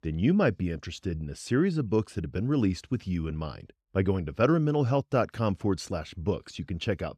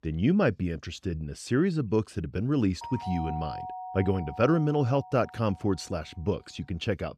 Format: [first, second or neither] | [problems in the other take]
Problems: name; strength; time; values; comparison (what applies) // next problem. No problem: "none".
first | doorbell; noticeable; from 3 to 5.5 s; peak 7 dB below the speech